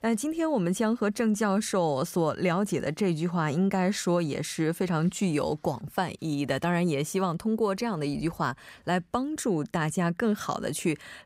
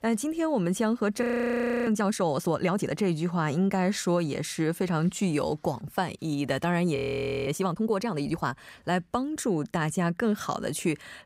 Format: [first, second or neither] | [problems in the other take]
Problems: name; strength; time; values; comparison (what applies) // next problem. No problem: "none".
first | audio freezing; at 1 s for 0.5 s and at 7 s for 0.5 s